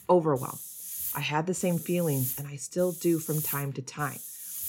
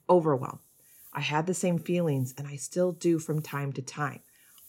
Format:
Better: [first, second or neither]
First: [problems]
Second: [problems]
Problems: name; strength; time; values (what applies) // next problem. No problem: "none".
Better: second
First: hiss; loud; throughout; 6 dB below the speech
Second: hiss; faint; throughout; 25 dB below the speech